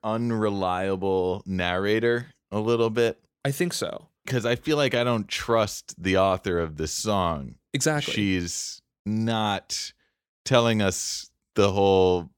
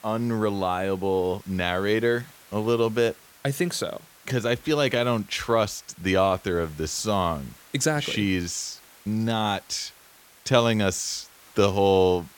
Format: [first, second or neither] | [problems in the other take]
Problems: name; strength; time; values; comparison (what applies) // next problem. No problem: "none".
first | hiss; faint; throughout; 25 dB below the speech